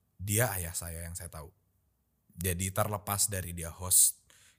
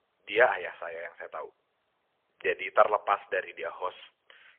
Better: first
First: none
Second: phone-call audio; poor line; nothing above 3 kHz

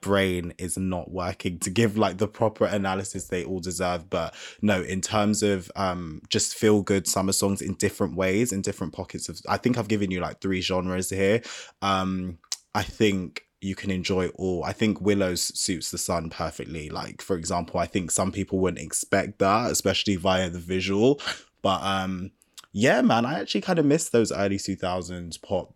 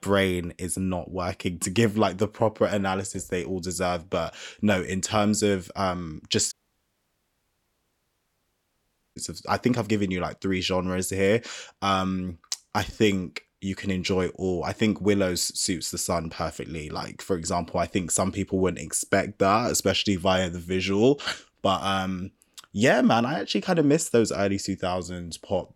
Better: first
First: none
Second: audio cutting out; at 6.5 s for 2.5 s

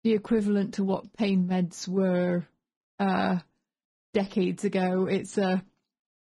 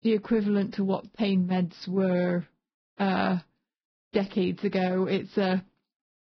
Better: first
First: garbled, watery; slightly; nothing above 10.5 kHz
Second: garbled, watery; badly; nothing above 5.5 kHz

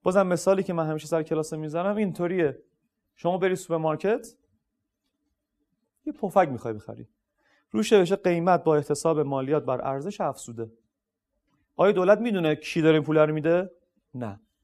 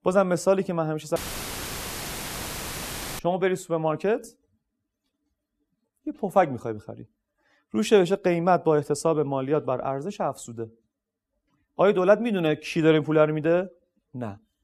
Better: first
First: none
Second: audio cutting out; filled with static; at 1 s for 2 s

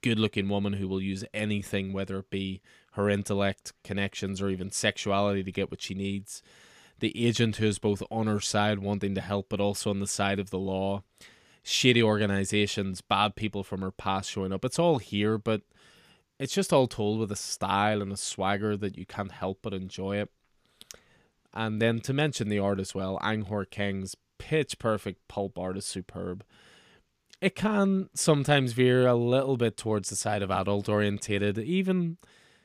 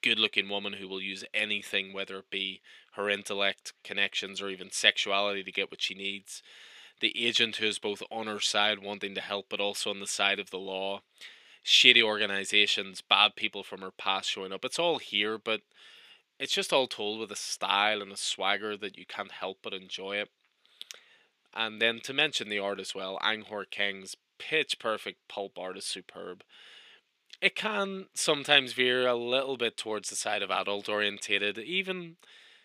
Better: first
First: none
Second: thin; somewhat; fading below 350 Hz

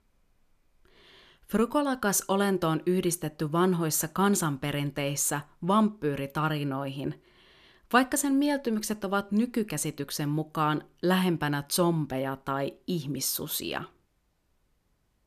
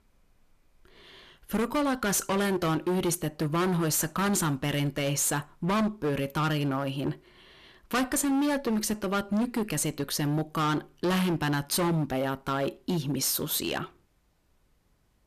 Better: first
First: none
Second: distortion; heavy; 16% of the sound clipped

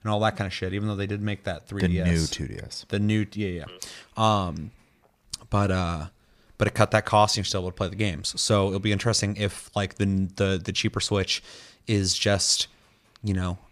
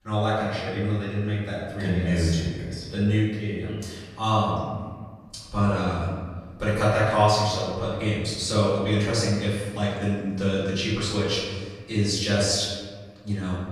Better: first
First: none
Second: off-mic speech; far // room echo; strong; dies away in 1.4 s

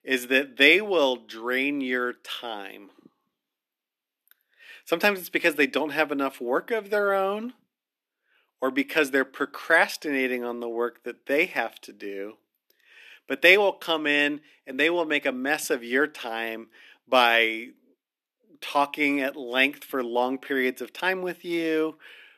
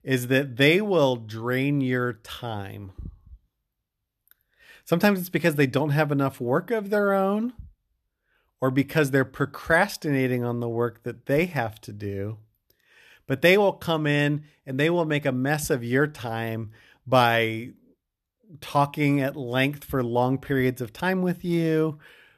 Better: second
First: thin; very slightly; fading below 250 Hz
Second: none

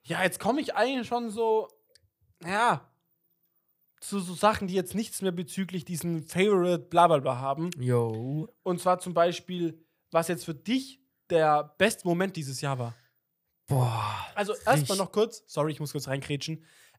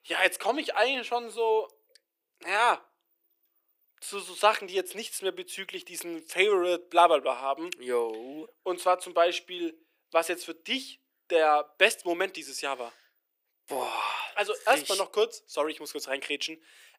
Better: first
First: none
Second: thin; very; fading below 300 Hz

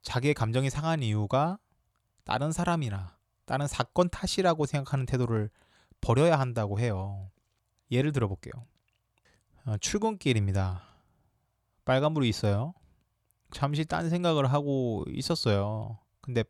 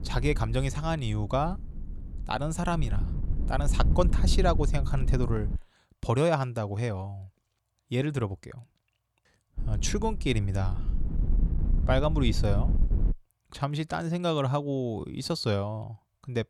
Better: first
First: none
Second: wind noise on the microphone; occasional gusts; until 5.5 s and from 9.5 to 13 s; 15 dB below the speech

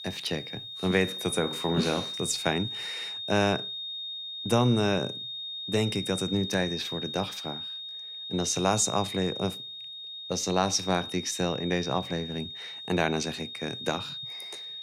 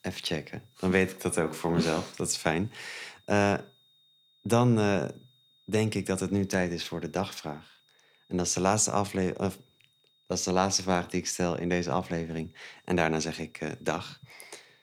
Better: second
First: high-pitched whine; loud; throughout; 3.5 kHz, 6 dB below the speech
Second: high-pitched whine; faint; throughout; 3.5 kHz, 35 dB below the speech

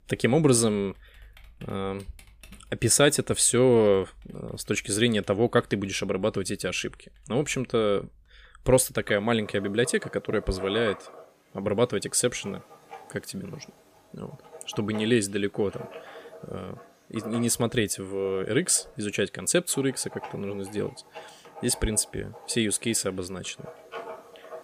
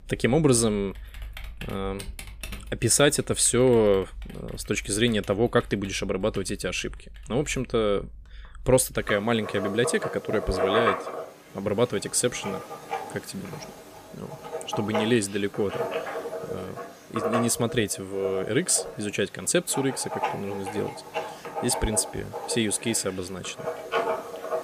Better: first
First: household noises; faint; throughout; 20 dB below the speech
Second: household noises; loud; throughout; 9 dB below the speech

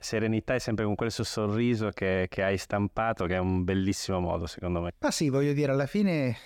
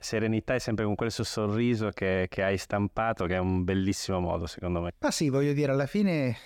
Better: neither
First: none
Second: none

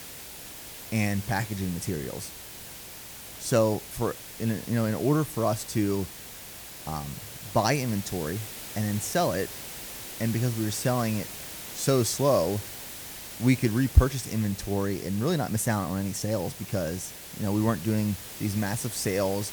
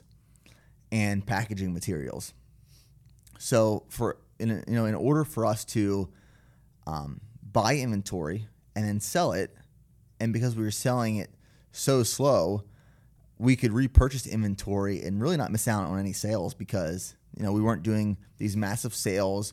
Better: second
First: hiss; noticeable; throughout; 10 dB below the speech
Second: none

